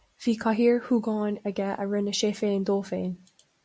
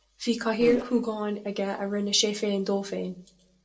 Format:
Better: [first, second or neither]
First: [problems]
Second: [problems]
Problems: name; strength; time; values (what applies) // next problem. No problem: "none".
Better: first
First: none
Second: noise reduction (neural separator model SepFormer DNS4)